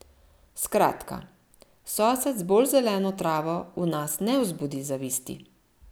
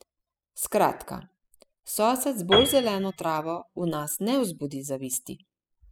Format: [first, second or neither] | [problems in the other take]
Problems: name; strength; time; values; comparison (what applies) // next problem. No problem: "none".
first | noise reduction (classical method spectral subtraction)